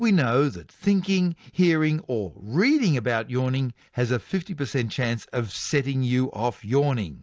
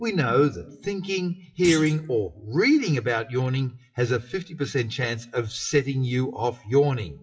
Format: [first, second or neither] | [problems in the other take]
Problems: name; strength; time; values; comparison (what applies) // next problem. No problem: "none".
first | noise reduction (classical method WPE with log-MMSE)